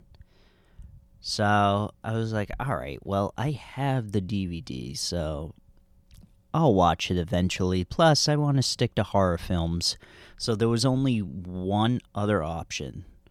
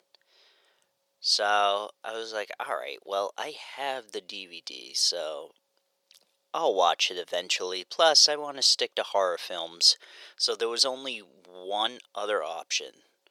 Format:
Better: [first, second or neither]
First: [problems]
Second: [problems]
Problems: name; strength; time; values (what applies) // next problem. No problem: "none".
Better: first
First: none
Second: thin; very; fading below 450 Hz